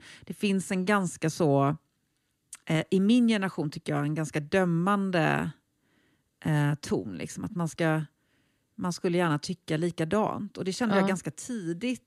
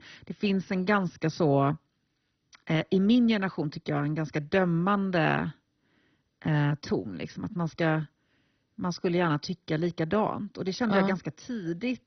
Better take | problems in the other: first | garbled, watery; badly; nothing above 6 kHz

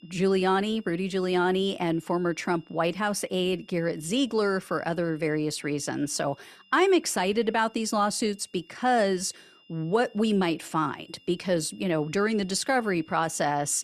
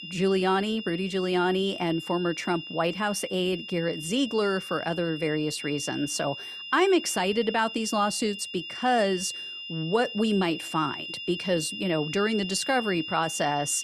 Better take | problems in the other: first | high-pitched whine; loud; throughout; 3 kHz, 9 dB below the speech; faint in the first

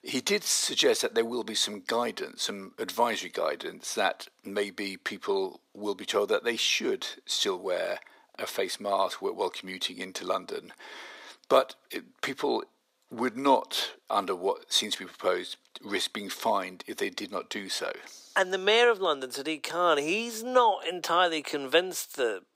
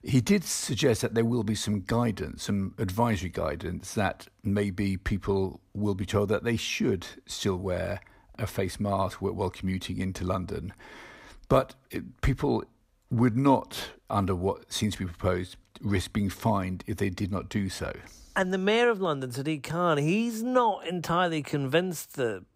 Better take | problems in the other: second | thin; somewhat; fading below 350 Hz

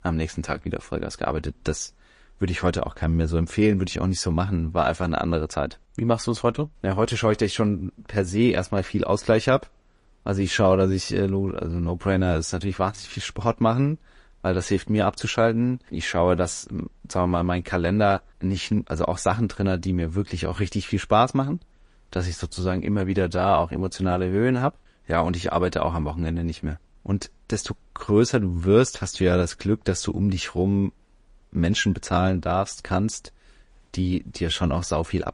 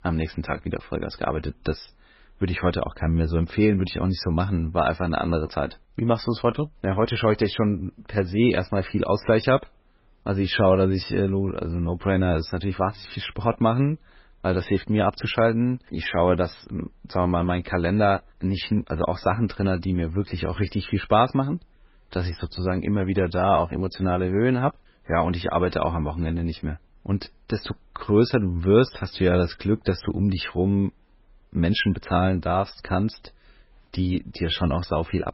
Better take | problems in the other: first | garbled, watery; badly; nothing above 5.5 kHz; slightly in the first

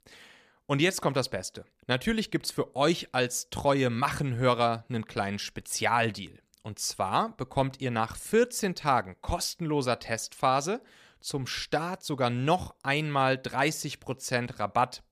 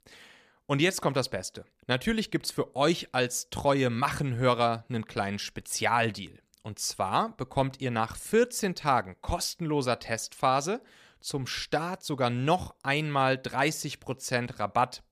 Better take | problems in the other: neither | none

